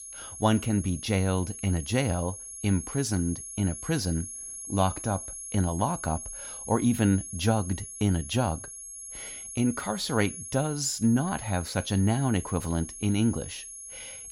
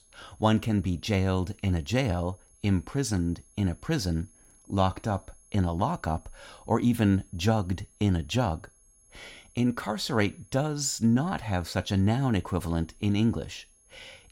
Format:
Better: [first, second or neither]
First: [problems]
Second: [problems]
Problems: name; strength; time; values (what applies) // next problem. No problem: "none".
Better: second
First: high-pitched whine; loud; throughout; 11 kHz, 10 dB below the speech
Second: high-pitched whine; faint; throughout; 11 kHz, 30 dB below the speech